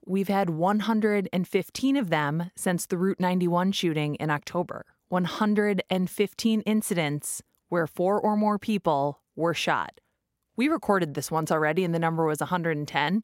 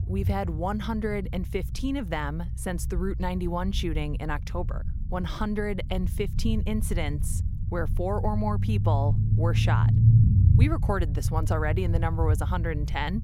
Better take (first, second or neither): first